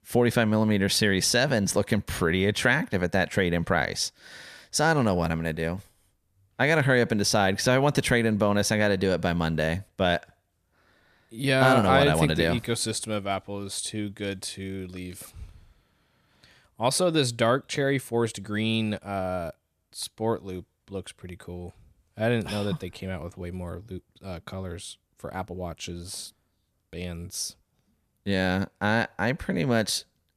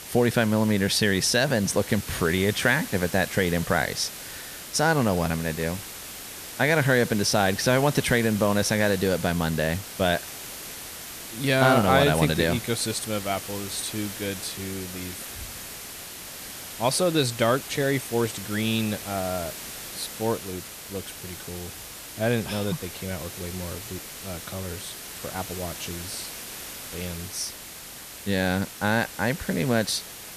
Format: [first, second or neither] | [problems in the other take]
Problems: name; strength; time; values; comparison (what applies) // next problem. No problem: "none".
first | hiss; noticeable; throughout; 10 dB below the speech